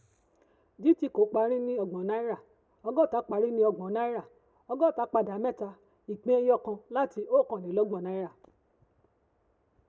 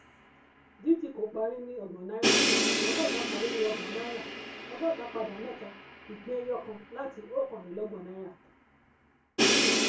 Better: first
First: none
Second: background sound (Crash cymbal); 3 dB above the speech // room echo; dies away in 0.3 s

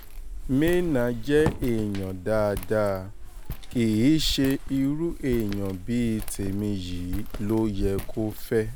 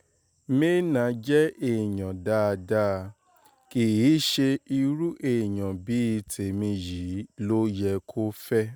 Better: second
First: background sound (Walk, footsteps + Drawer open or close); 7 dB below the speech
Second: none

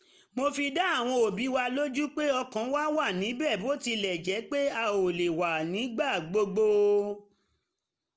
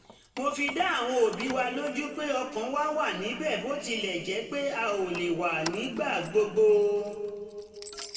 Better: first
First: none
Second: background sound (Keys jangling); 18 dB below the speech // room echo; dies away in 2.3 s

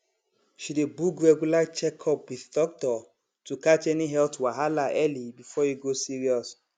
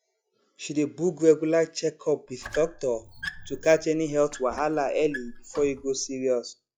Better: first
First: none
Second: noise reduction (classical method log-MMSE)

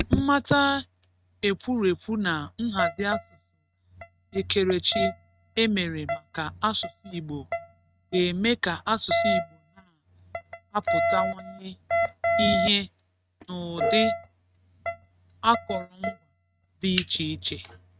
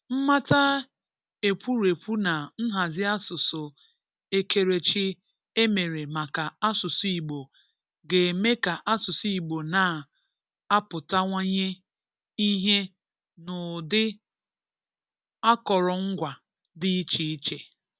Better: second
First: noise reduction (neural mask model RNNoise)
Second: none

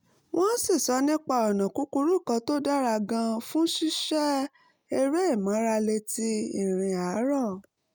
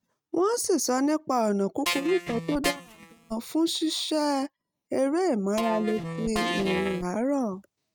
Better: first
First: none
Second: noise reduction (neural mask model RNNoise)

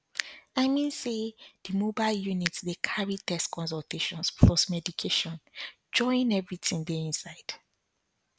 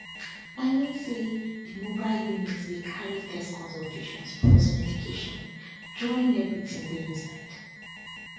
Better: first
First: none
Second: background sound (Alarm); 16 dB below the speech // room echo; dies away in 1.3 s

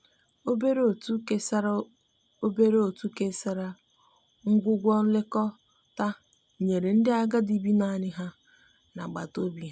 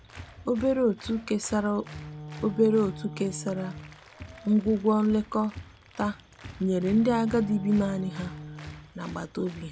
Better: first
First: none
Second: background sound (Applause + Wind instrument, woodwind instrument); 14 dB below the speech

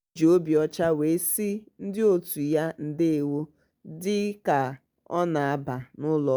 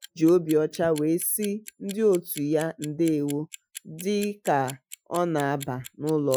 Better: first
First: none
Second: noise reduction (classical method Wiener filter)

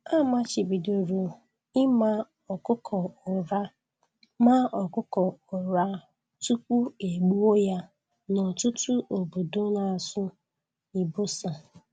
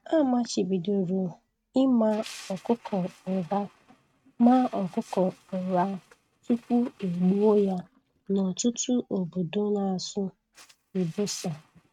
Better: first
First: none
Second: noise reduction (neural mask model RNNoise)

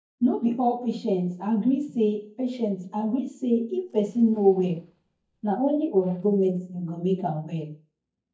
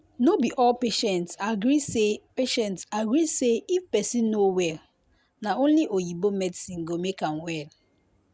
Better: second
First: noise reduction (neural mask model DeepFilterNet 3)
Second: none

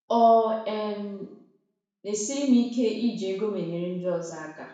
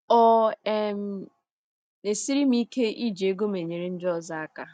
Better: second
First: room echo; dies away in 0.6 s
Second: none

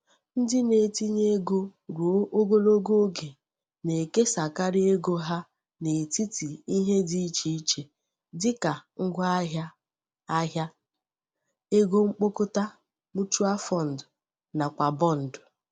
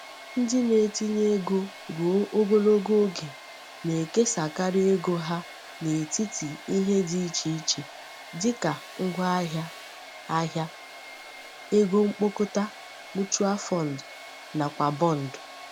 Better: first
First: none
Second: background sound (Domestic sounds, home sounds); 17 dB below the speech

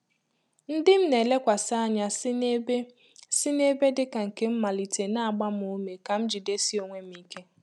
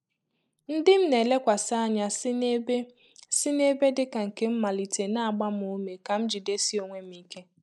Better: first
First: none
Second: noise reduction (neural mask model Resemble Enhance denoiser)

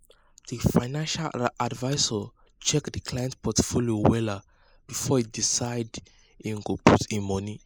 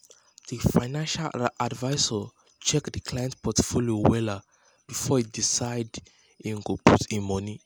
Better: second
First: noise reduction (neural mask model Resemble Enhance denoiser)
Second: none

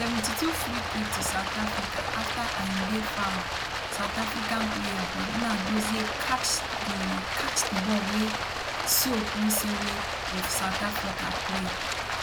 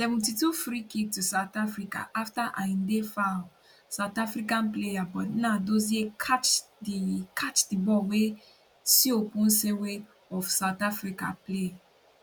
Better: second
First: background sound (Stream); as loud as the speech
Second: none

